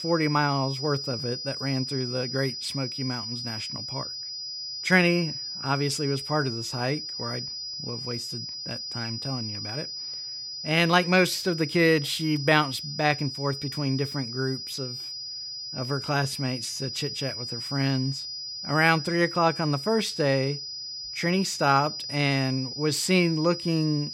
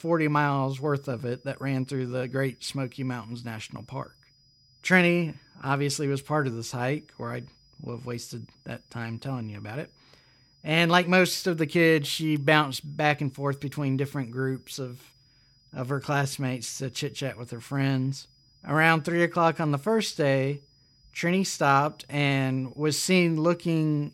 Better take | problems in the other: second | high-pitched whine; loud; throughout; 5 kHz, 6 dB below the speech; faint in the second

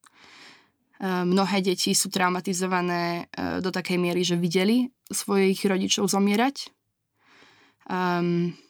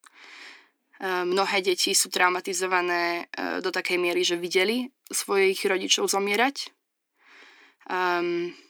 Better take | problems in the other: first | thin; somewhat; fading below 300 Hz

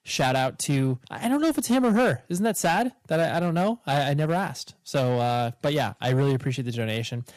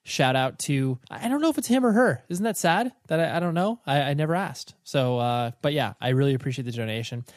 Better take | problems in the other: second | distortion; slight; 7% of the sound clipped

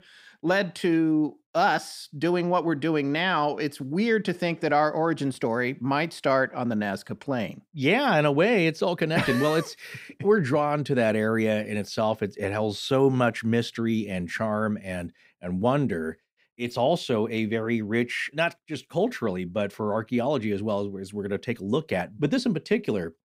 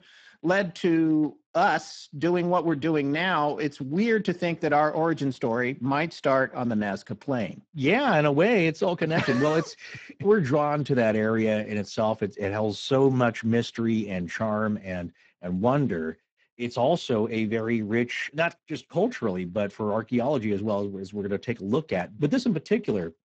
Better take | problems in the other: first | garbled, watery; badly; nothing above 7.5 kHz

